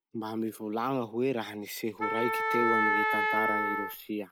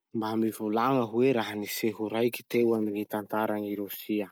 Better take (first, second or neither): second